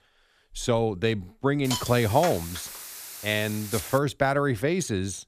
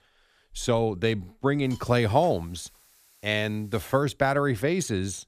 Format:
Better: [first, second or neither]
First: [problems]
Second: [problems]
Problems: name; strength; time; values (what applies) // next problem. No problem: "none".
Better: second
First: hiss; loud; from 1.5 to 4 s; 9 dB below the speech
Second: hiss; faint; from 1.5 to 4 s; 30 dB below the speech